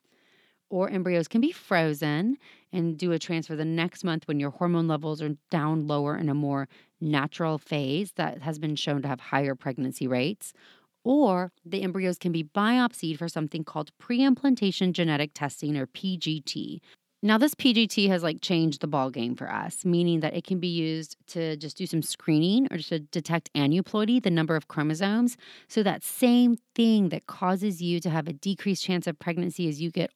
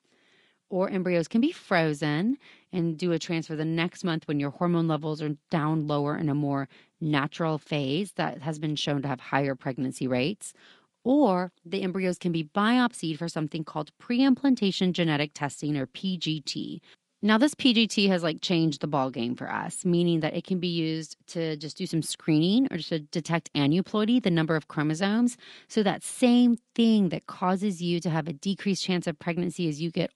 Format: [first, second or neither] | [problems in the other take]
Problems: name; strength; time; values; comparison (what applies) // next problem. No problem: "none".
first | garbled, watery; slightly; nothing above 10.5 kHz